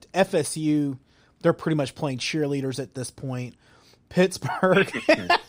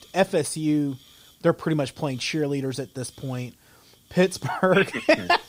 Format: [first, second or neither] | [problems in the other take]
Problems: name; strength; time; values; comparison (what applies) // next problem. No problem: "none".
first | hiss; faint; throughout; 30 dB below the speech